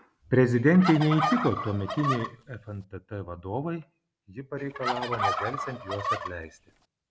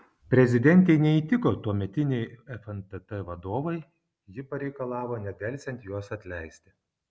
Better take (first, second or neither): second